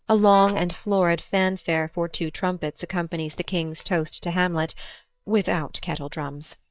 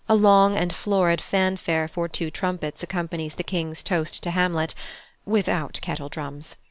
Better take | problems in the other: second | noise reduction (neural mask model DeepFilterNet 3)

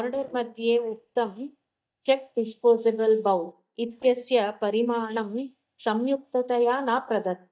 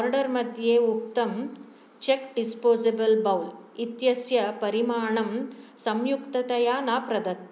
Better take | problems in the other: second | noise reduction (neural mask model DeepFilterNet 3)

